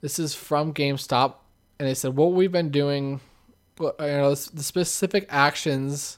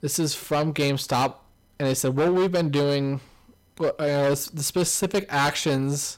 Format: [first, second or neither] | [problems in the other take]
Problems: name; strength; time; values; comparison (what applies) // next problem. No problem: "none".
first | distortion; heavy; 13% of the sound clipped